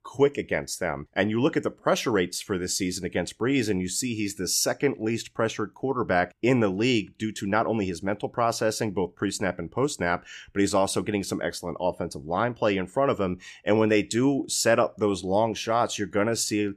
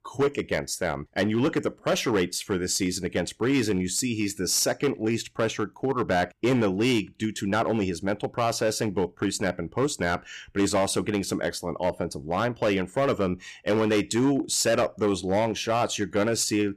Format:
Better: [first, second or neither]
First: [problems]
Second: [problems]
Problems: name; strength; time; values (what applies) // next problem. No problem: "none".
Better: first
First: none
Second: distortion; slight; 7% of the sound clipped